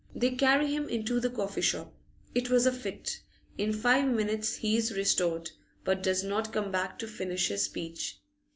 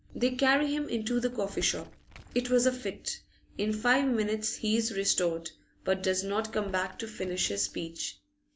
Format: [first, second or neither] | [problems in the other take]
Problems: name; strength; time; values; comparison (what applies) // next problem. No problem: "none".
first | background sound (Crumpling, crinkling); 20 dB below the speech